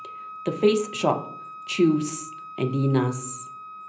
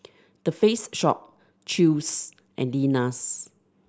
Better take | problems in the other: second | background sound (Wind instrument, woodwind instrument); 14 dB below the speech // room echo; dies away in 0.5 s

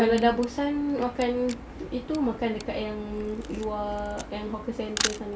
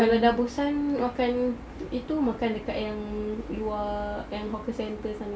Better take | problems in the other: second | background sound (Camera); 12 dB below the speech

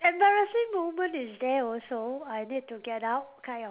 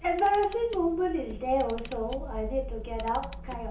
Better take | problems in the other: first | background sound (Camera); 10 dB below the speech // room echo; dies away in 0.7 s

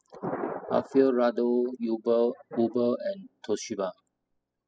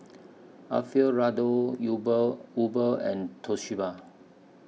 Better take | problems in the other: second | noise reduction (classical method spectral subtraction)

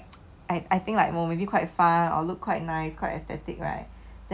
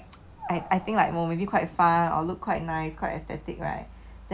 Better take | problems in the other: first | background sound (Animal + Wind); 17 dB below the speech

